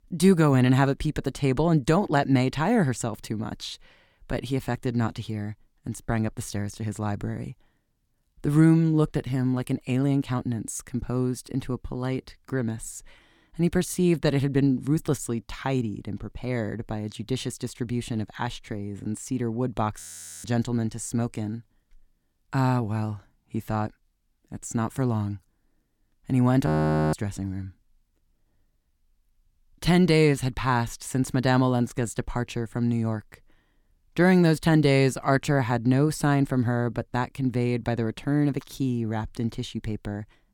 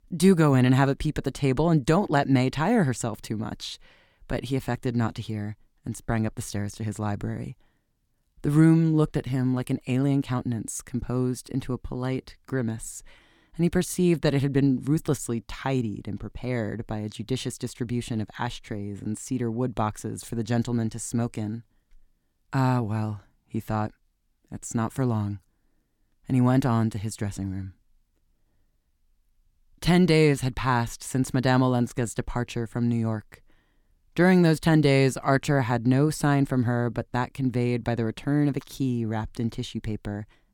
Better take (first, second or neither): second